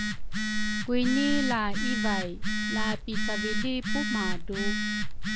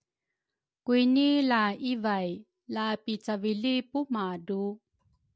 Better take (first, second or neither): second